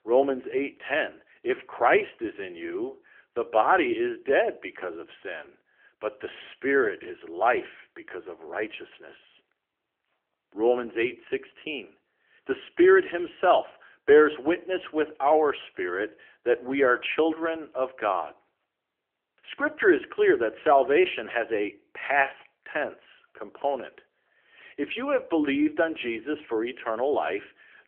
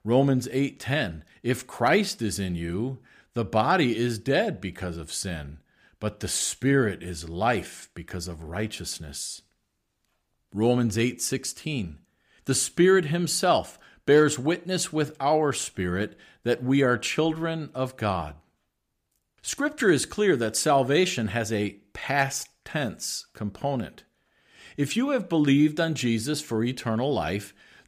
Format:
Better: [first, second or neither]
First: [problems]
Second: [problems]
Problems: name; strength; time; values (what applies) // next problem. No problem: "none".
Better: second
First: phone-call audio; nothing above 3 kHz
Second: none